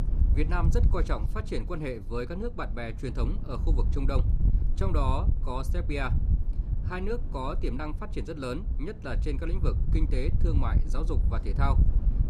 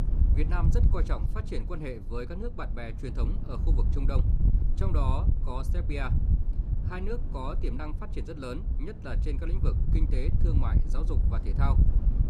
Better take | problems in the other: first | wind noise on the microphone; heavy; 6 dB below the speech; occasional gusts in the first

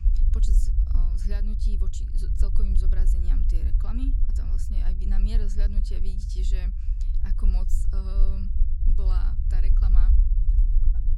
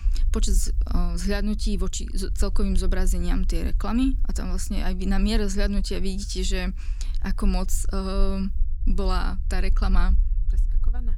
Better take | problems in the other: second | low rumble; loud; throughout; 2 dB below the speech; faint in the second

